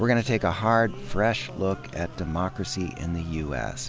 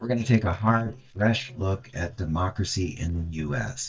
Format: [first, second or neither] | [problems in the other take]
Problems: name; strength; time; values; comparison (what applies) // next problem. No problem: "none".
first | noise reduction (neural mask model DeepFilterNet 3)